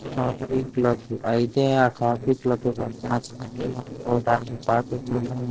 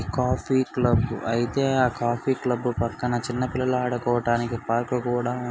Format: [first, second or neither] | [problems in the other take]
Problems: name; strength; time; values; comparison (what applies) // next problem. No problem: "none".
second | noise reduction (neural separator model SepFormer DNS4)